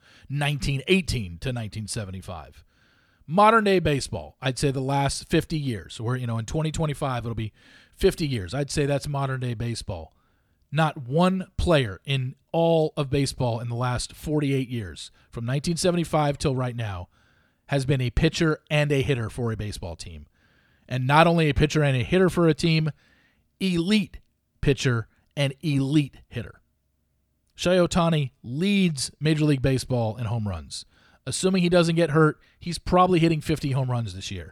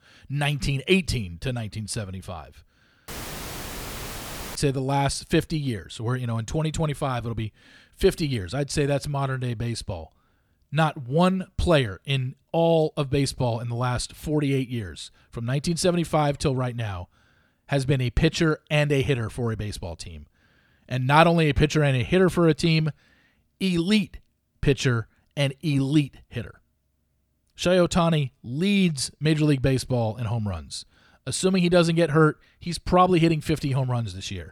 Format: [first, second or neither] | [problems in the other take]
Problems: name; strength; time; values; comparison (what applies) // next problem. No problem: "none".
first | audio cutting out; filled with static; at 3 s for 1.5 s